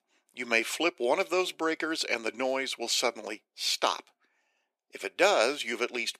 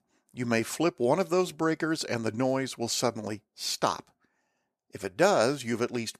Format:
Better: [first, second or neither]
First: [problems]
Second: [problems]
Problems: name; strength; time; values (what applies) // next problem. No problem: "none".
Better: second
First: thin; somewhat; fading below 350 Hz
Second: none